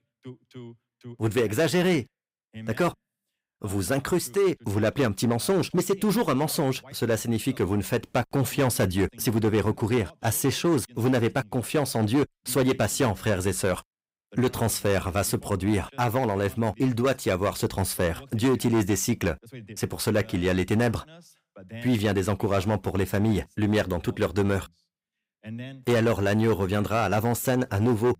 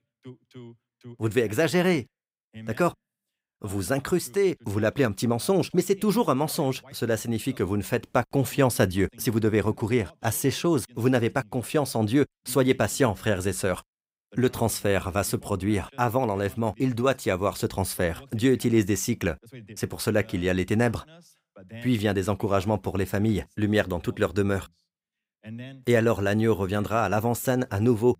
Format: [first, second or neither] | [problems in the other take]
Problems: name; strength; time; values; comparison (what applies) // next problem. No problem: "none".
second | distortion; slight; 8% of the sound clipped